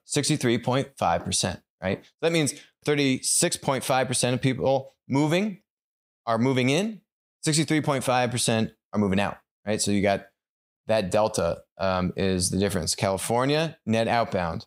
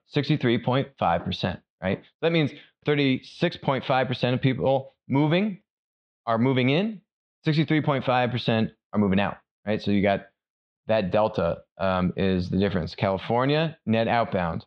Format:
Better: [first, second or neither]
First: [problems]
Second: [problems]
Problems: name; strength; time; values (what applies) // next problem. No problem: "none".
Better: first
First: none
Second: muffled; slightly; fading above 3.5 kHz